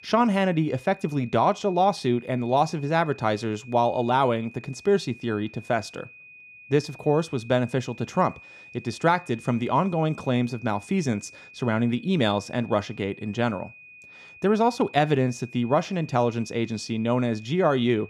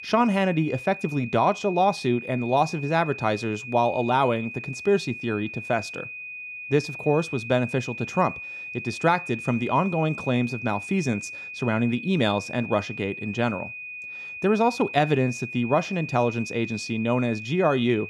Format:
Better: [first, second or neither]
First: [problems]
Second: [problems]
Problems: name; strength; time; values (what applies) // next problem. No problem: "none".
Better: first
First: high-pitched whine; faint; throughout; 2.5 kHz, 20 dB below the speech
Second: high-pitched whine; loud; throughout; 2.5 kHz, 10 dB below the speech